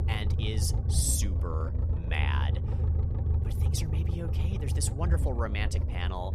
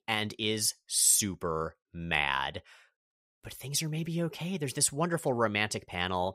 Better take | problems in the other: second | low rumble; loud; throughout; 7 dB below the speech

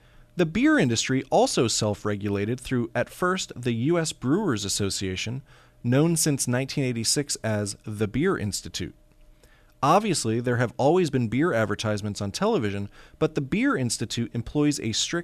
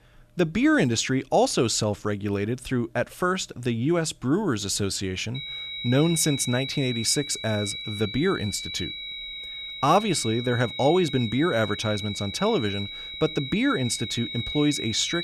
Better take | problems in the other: first | high-pitched whine; loud; from 5.5 s on; 4 kHz, 8 dB below the speech

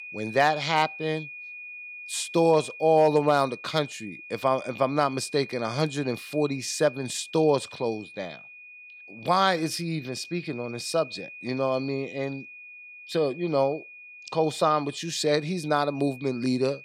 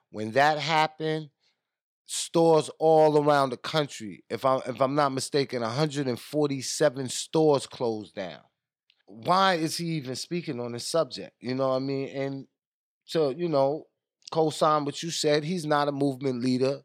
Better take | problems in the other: second | high-pitched whine; noticeable; throughout; 2.5 kHz, 15 dB below the speech

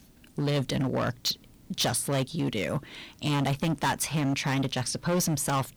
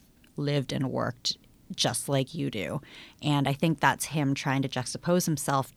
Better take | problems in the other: second | distortion; heavy; 14% of the sound clipped

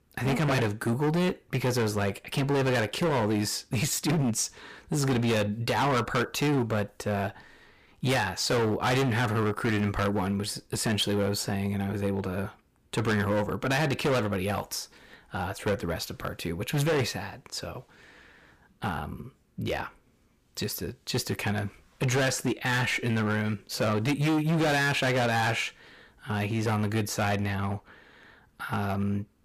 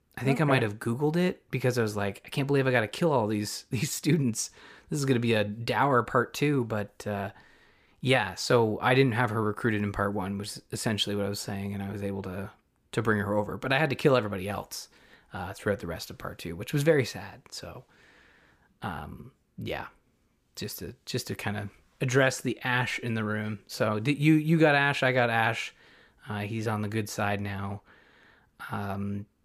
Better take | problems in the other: second | distortion; heavy; 14% of the sound clipped

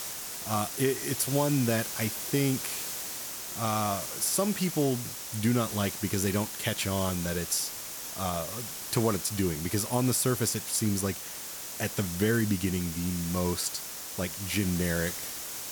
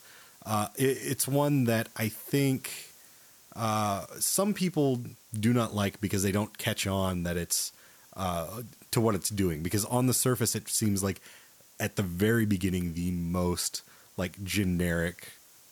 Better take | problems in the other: second | hiss; loud; throughout; 5 dB below the speech; faint in the second

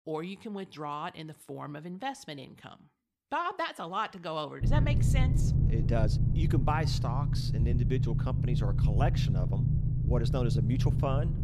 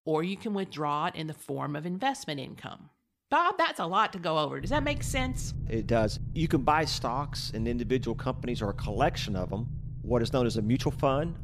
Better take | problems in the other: second | low rumble; loud; from 4.5 s on; 5 dB below the speech; faint in the second

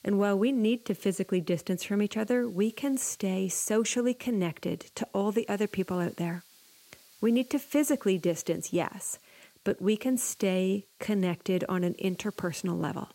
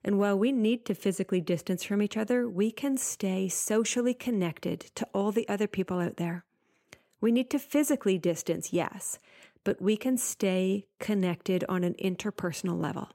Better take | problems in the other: second | hiss; faint; throughout; 25 dB below the speech

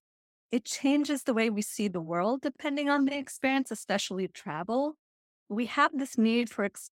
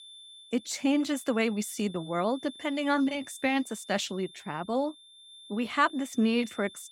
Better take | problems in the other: first | high-pitched whine; noticeable; throughout; 3.5 kHz, 20 dB below the speech

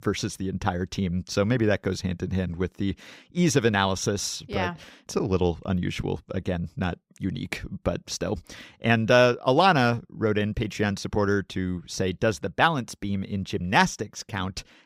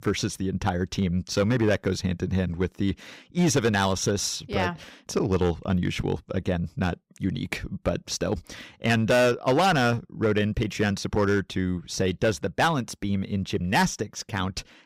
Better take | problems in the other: first | distortion; slight; 4% of the sound clipped

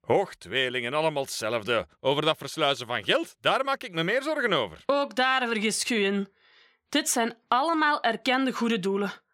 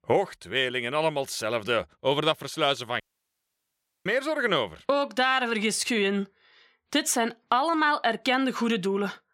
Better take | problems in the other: first | audio cutting out; at 3 s for 1 s

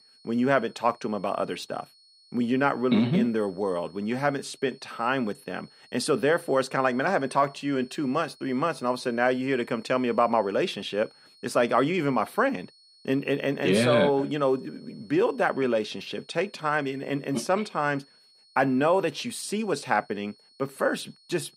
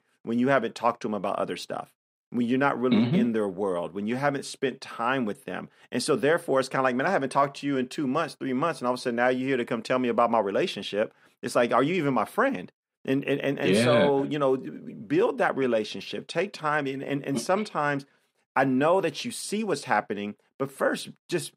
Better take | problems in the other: second | high-pitched whine; faint; throughout; 4.5 kHz, 30 dB below the speech

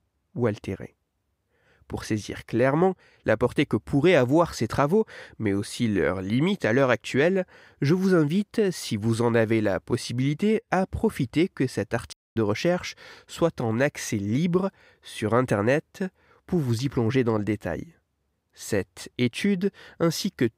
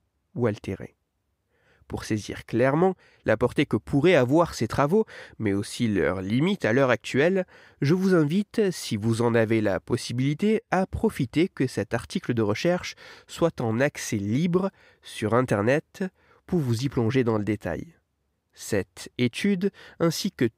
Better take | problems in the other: second | audio cutting out; at 12 s

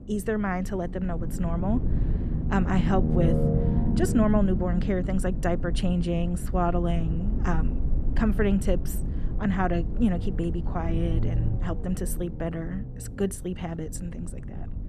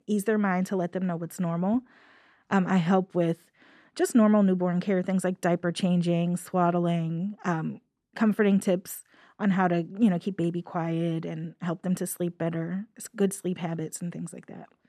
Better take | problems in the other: second | low rumble; loud; throughout; 7 dB below the speech

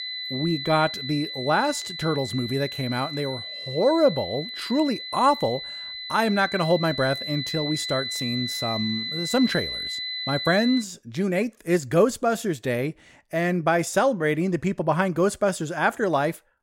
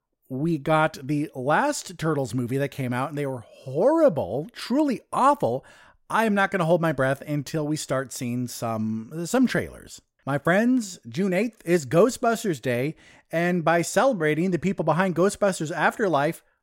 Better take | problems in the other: second | high-pitched whine; loud; until 11 s; 4 kHz, 6 dB below the speech

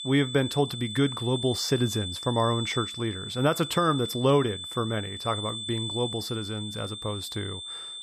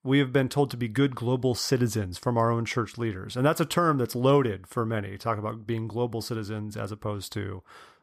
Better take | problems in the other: second | high-pitched whine; loud; throughout; 3.5 kHz, 6 dB below the speech

